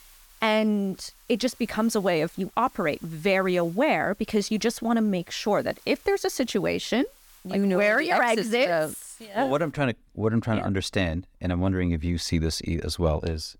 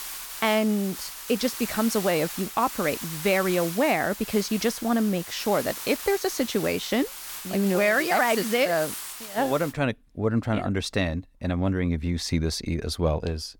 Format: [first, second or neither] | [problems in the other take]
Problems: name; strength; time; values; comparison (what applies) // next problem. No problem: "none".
first | hiss; loud; until 9.5 s; 9 dB below the speech; faint in the first